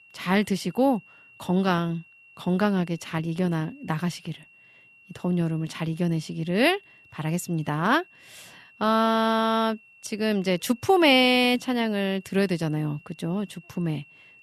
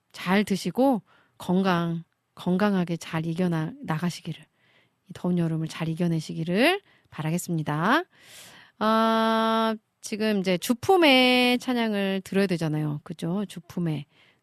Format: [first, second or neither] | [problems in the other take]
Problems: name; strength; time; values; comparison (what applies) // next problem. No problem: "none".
second | high-pitched whine; faint; throughout; 2.5 kHz, 25 dB below the speech